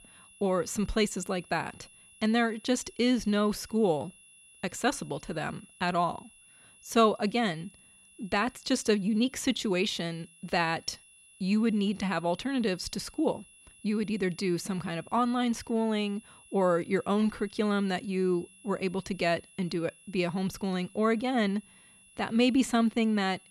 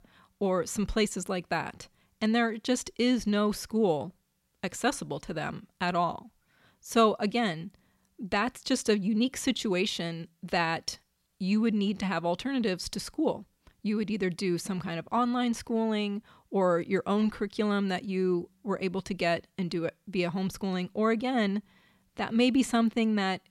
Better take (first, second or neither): second